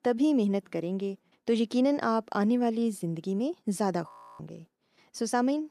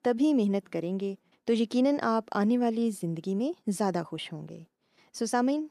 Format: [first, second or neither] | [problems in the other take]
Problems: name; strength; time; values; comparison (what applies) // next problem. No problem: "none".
second | audio freezing; at 4 s